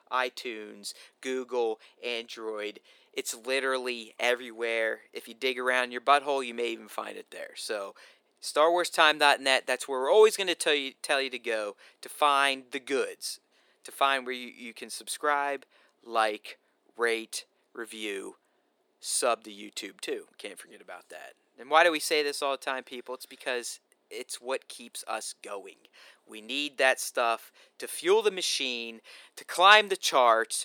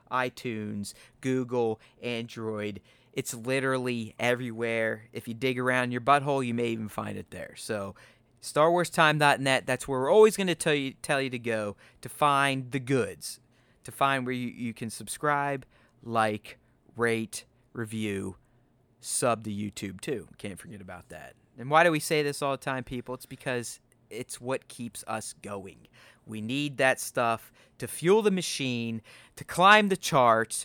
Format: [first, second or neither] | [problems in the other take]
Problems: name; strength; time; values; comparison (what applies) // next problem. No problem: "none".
second | thin; somewhat; fading below 350 Hz